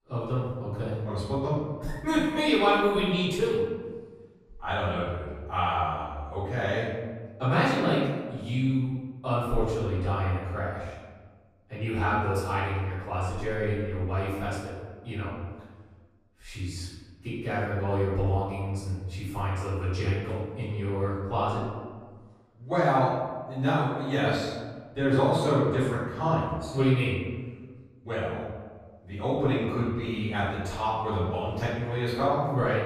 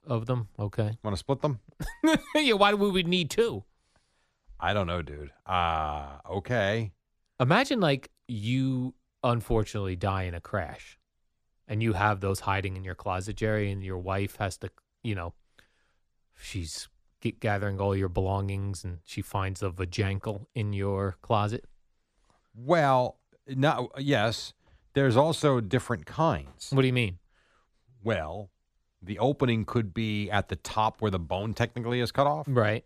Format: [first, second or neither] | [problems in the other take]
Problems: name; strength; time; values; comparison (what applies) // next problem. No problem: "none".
second | off-mic speech; far // room echo; strong; dies away in 1.3 s